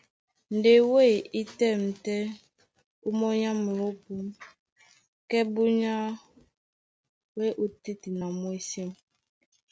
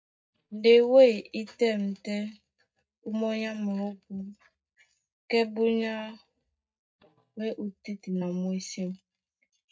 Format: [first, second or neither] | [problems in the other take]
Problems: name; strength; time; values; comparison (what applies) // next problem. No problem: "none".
first | noise reduction (neural mask model DeepFilterNet 3)